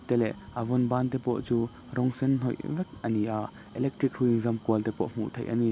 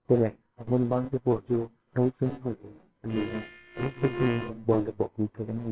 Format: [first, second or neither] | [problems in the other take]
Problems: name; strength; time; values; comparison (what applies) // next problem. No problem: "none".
first | noise reduction (neural separator model SepFormer WHAMR!)